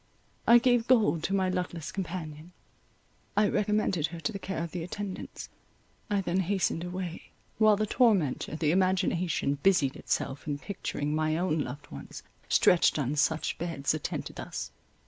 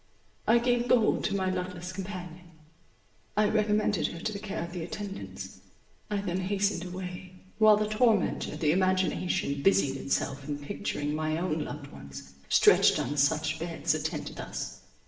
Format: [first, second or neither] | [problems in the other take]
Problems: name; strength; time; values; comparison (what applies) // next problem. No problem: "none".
first | room echo; dies away in 0.8 s